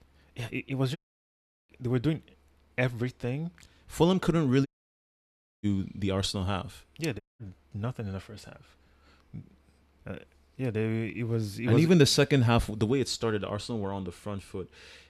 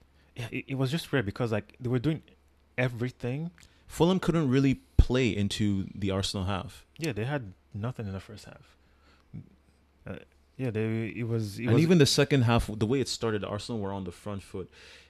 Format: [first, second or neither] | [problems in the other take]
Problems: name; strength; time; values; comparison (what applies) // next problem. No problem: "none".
second | audio cutting out; at 1 s for 0.5 s, at 4.5 s for 1 s and at 7 s